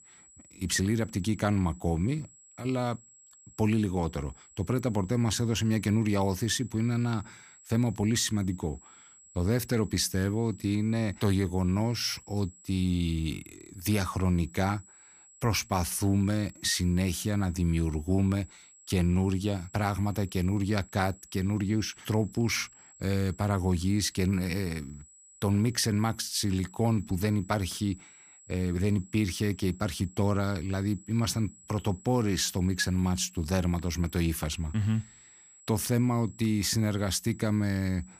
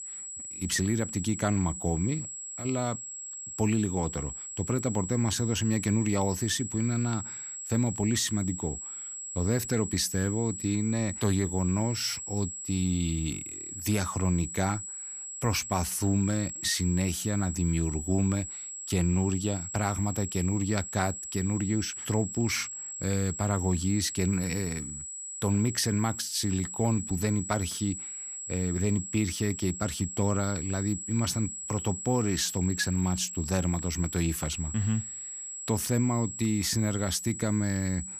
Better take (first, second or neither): first